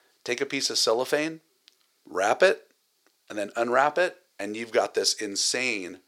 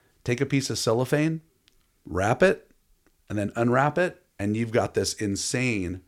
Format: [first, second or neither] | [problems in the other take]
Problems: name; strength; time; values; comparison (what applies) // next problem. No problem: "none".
second | thin; somewhat; fading below 500 Hz